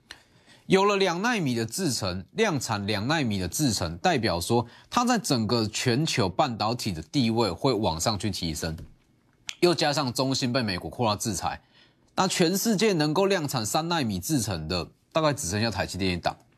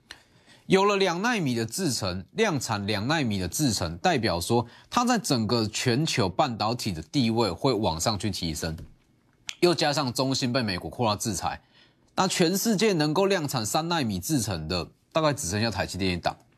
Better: neither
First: none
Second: none

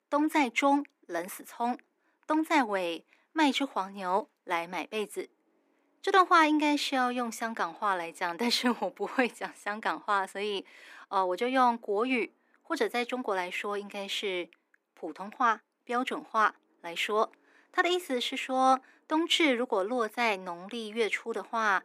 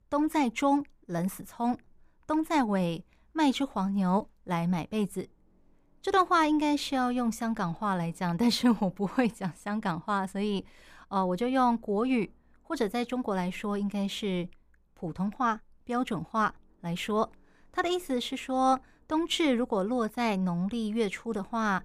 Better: second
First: thin; somewhat; fading below 250 Hz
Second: none

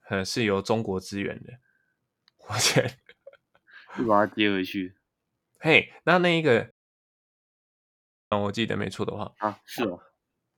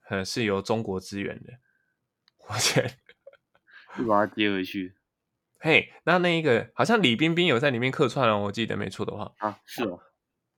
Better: second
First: audio cutting out; at 6.5 s for 1.5 s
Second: none

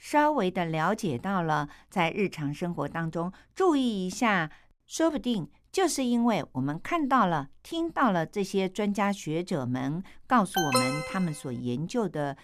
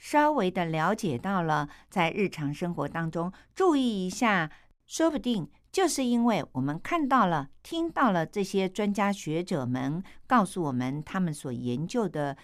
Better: second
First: alarm; loud; at 11 s; peak 2 dB above the speech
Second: none

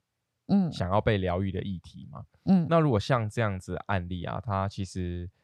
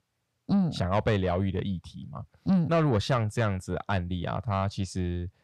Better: first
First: none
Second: distortion; slight; 10 dB below the speech

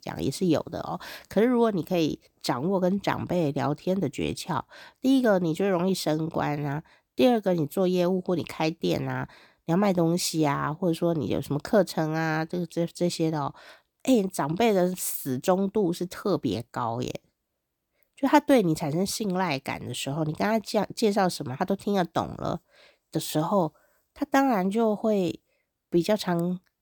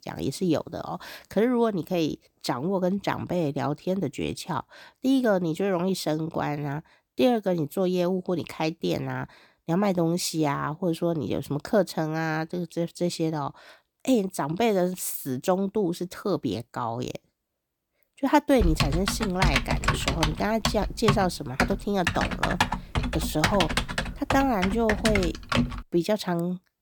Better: first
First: none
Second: keyboard typing; loud; from 19 to 26 s; peak 3 dB above the speech

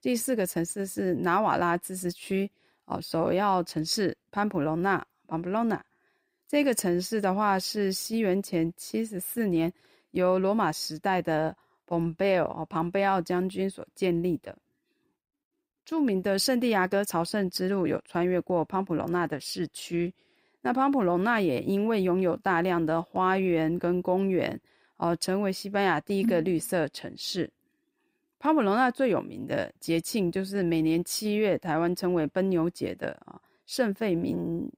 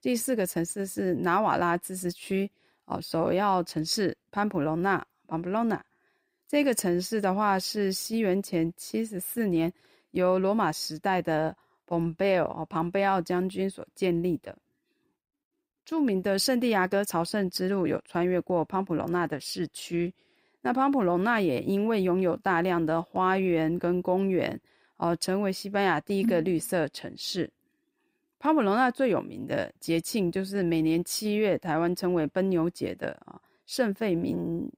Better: neither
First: none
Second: none

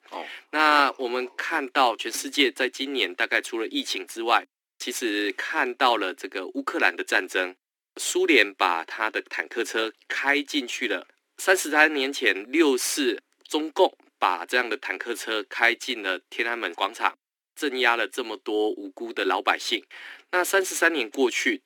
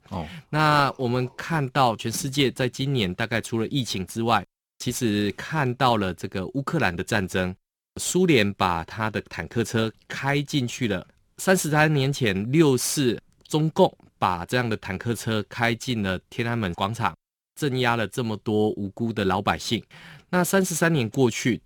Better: second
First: thin; somewhat; fading below 250 Hz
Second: none

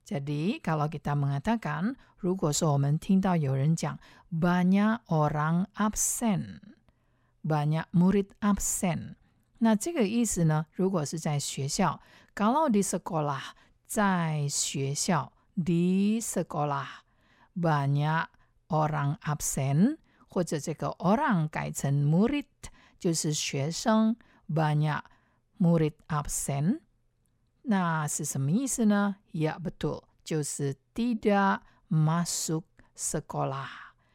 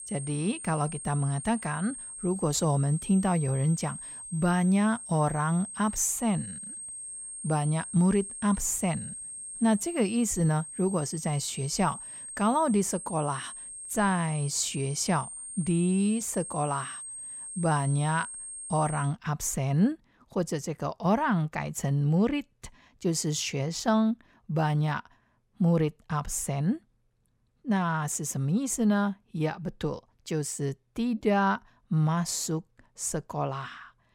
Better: first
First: none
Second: high-pitched whine; loud; until 19 s; 8.5 kHz, 10 dB below the speech

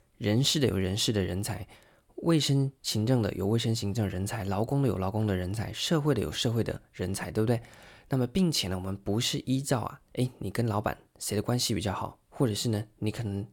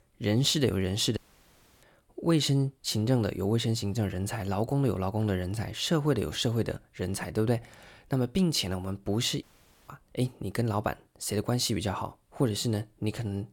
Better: first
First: none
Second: audio cutting out; at 1 s for 0.5 s and at 9.5 s

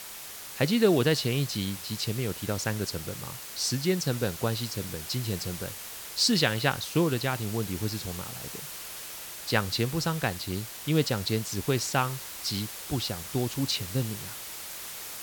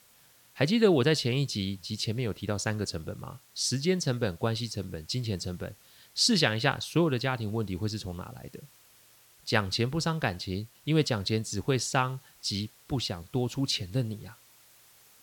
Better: second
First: hiss; loud; throughout; 9 dB below the speech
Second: hiss; faint; throughout; 25 dB below the speech

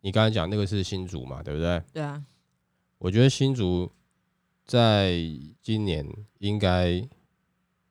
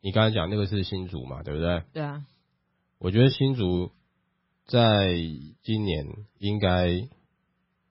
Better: first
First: none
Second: garbled, watery; badly; nothing above 5.5 kHz

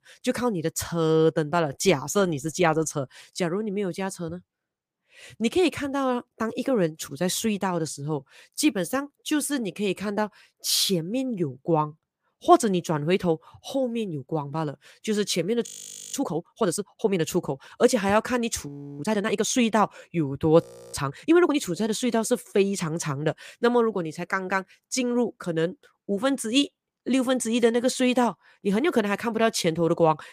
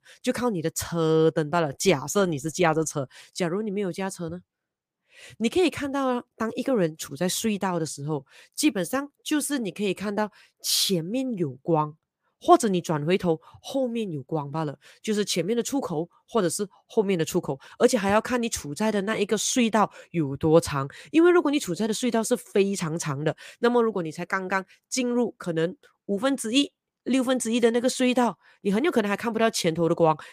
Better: second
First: audio freezing; at 16 s, at 19 s and at 21 s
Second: none

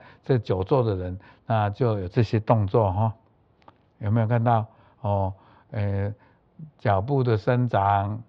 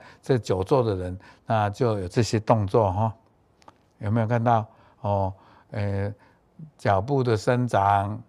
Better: second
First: muffled; slightly; fading above 3.5 kHz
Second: none

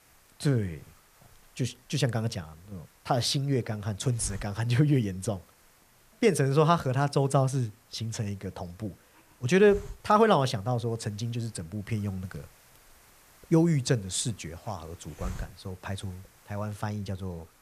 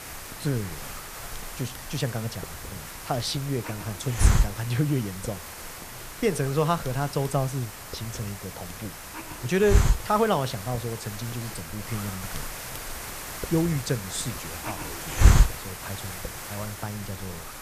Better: first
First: hiss; faint; throughout; 25 dB below the speech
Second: hiss; loud; throughout; 2 dB below the speech

